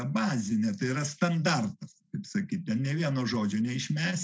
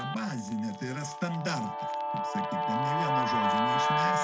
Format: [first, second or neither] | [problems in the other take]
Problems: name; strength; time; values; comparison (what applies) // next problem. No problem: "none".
first | background sound (Guitar); 4 dB above the speech